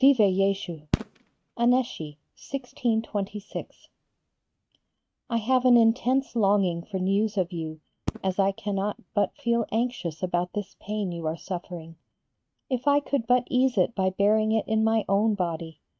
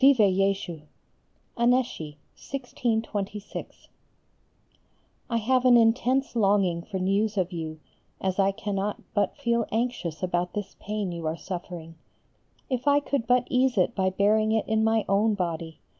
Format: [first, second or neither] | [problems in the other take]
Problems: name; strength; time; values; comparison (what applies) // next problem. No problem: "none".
second | noise reduction (neural mask model RNNoise)